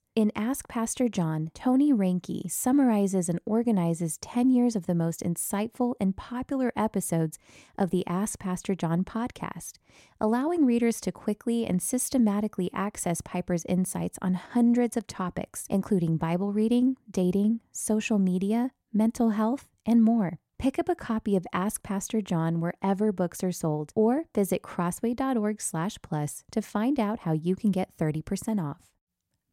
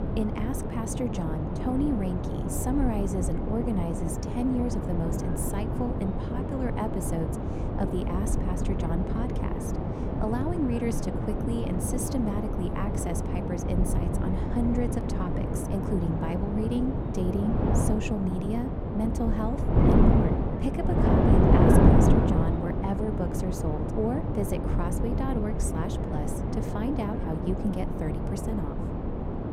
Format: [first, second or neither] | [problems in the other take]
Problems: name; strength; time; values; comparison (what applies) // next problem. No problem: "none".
first | wind noise on the microphone; heavy; 2 dB above the speech